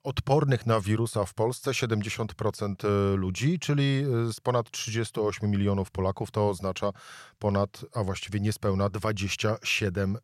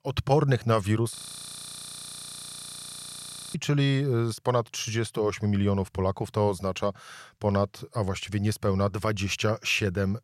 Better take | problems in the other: first | audio freezing; at 1 s for 2.5 s

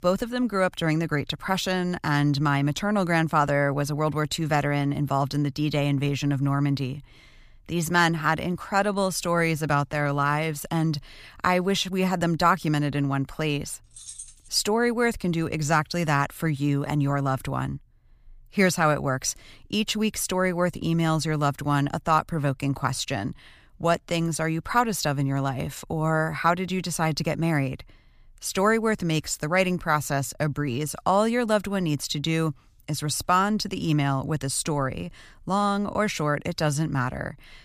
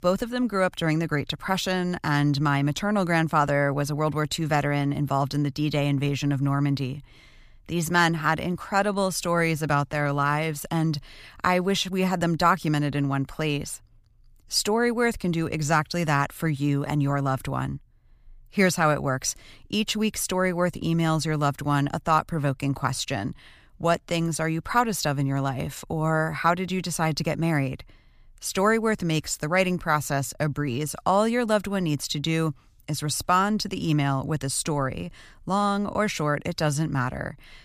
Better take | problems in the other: second | jangling keys; faint; at 14 s; peak 15 dB below the speech

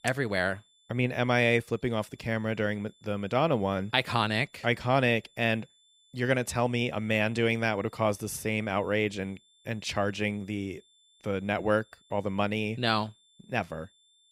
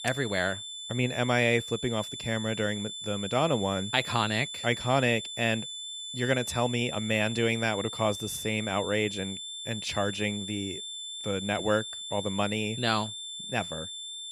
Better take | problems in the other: first | high-pitched whine; loud; throughout; 3.5 kHz, 7 dB below the speech; faint in the first

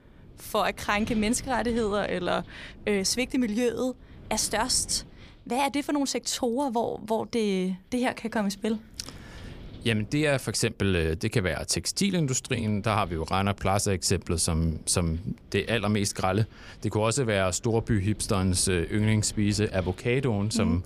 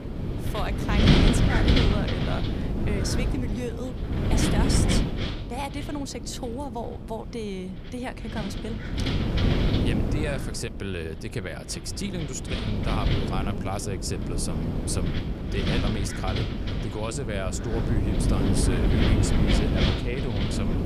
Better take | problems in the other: first | wind noise on the microphone; heavy; 3 dB above the speech; occasional gusts in the first

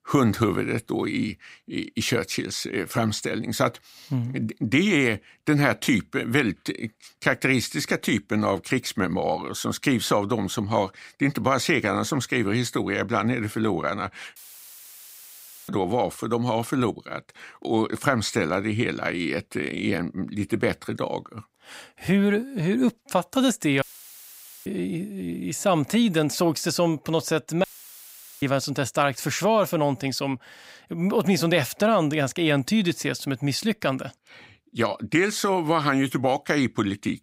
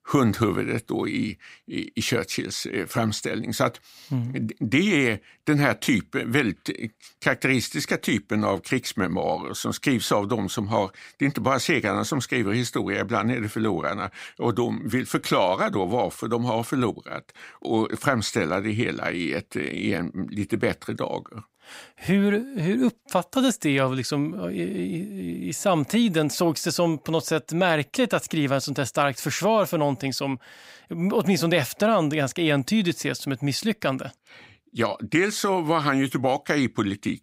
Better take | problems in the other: second | audio cutting out; filled with static; at 14 s for 1.5 s, at 24 s for 1 s and at 28 s for 1 s

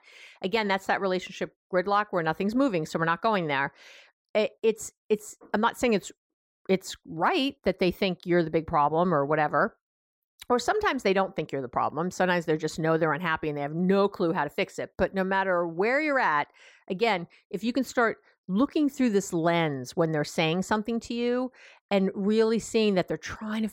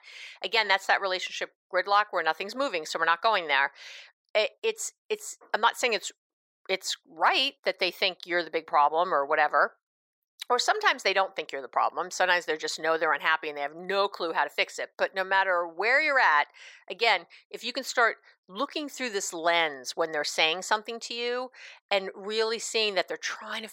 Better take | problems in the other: first | thin; very; fading below 650 Hz

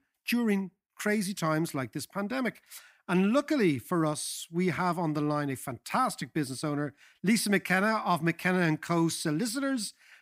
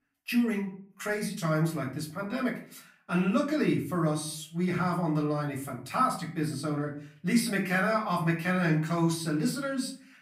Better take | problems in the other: first | room echo; slight; dies away in 0.4 s // off-mic speech; far

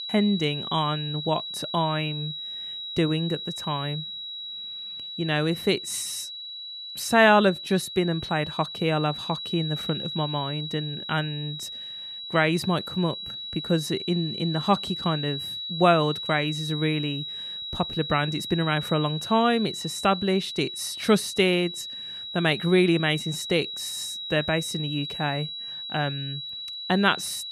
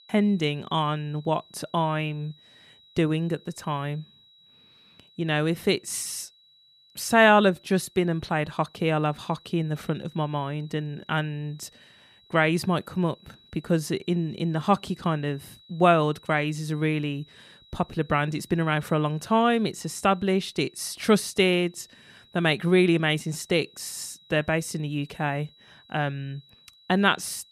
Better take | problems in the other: second | high-pitched whine; loud; throughout; 4 kHz, 7 dB below the speech; faint in the second

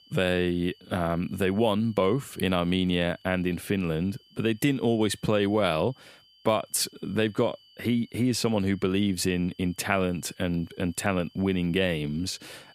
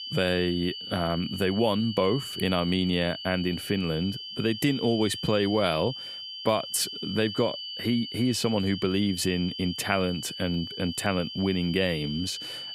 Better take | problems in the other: first | high-pitched whine; loud; throughout; 3 kHz, 8 dB below the speech; faint in the first

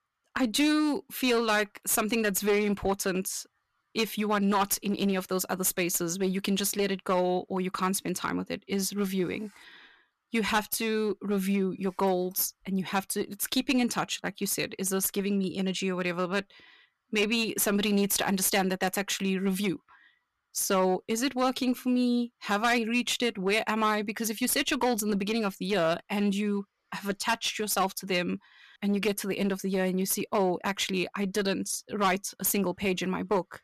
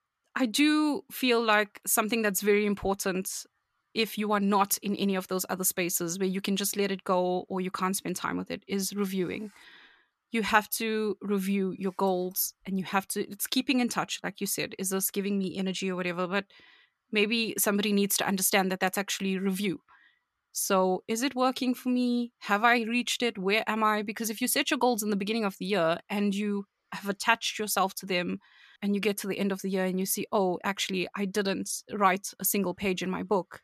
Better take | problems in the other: second | distortion; slight; 6% of the sound clipped

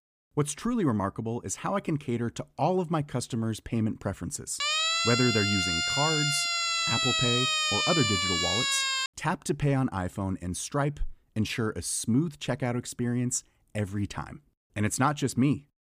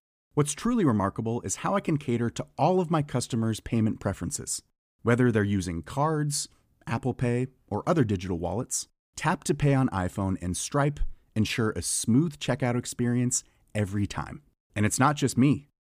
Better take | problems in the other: second | siren; loud; from 4.5 to 9 s; peak 6 dB above the speech

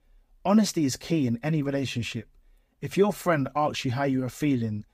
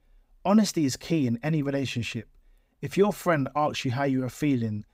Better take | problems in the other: second | garbled, watery; slightly; nothing above 15.5 kHz

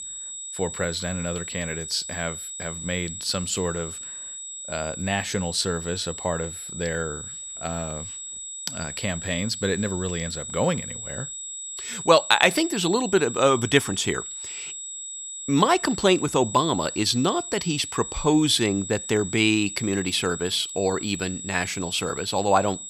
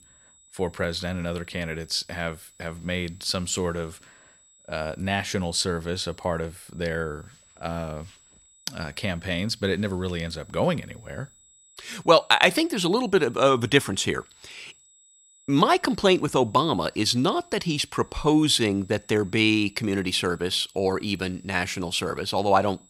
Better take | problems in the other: second | high-pitched whine; loud; throughout; 8 kHz, 8 dB below the speech; faint in the second

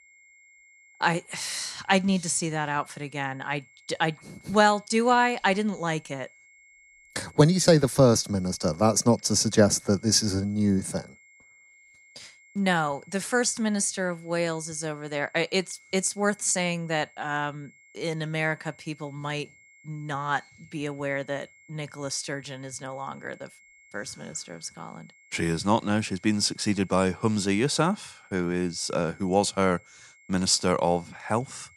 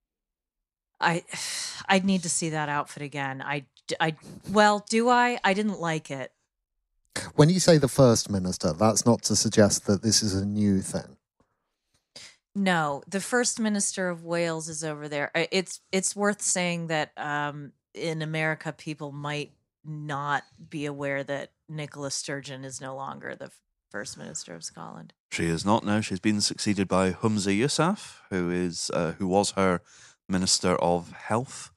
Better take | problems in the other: second | high-pitched whine; faint; throughout; 2 kHz, 30 dB below the speech

